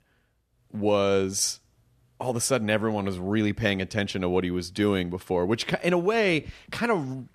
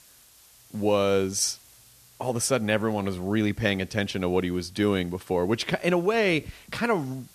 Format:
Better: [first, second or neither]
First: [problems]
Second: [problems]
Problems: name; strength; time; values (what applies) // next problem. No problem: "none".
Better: first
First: none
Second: hiss; faint; throughout; 25 dB below the speech